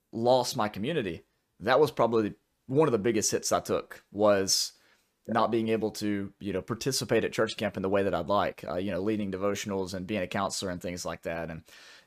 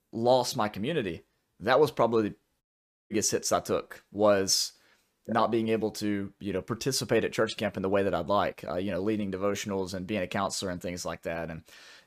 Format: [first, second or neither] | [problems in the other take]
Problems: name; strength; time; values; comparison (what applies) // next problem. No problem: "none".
first | audio cutting out; at 2.5 s